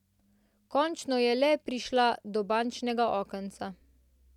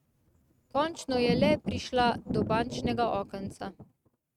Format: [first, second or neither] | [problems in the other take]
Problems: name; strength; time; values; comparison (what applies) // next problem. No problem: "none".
first | noise reduction (neural mask model RNNoise)